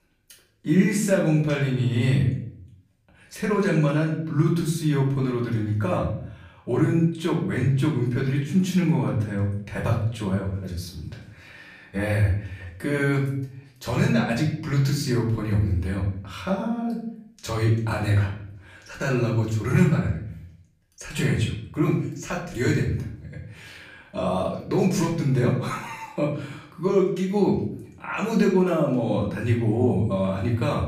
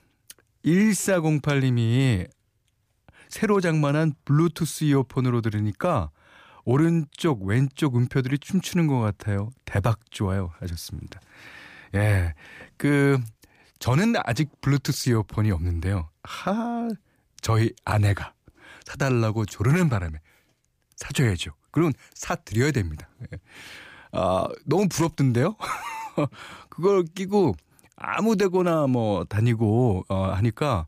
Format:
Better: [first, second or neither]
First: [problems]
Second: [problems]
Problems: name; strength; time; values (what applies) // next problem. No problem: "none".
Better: second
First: room echo; slight; dies away in 0.6 s // off-mic speech; far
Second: none